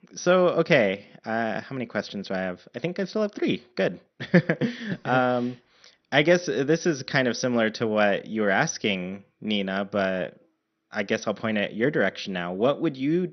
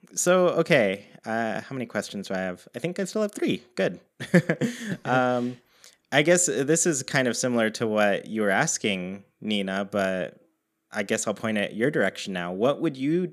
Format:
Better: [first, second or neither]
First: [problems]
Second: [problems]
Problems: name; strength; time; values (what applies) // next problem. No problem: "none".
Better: second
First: garbled, watery; slightly; nothing above 6 kHz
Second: none